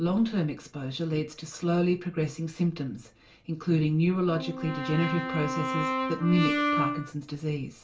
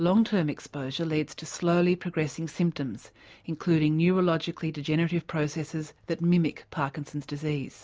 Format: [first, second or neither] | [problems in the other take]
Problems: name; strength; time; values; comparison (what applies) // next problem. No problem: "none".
second | background sound (Brass instrument); 2 dB below the speech // room echo; dies away in 0.2 s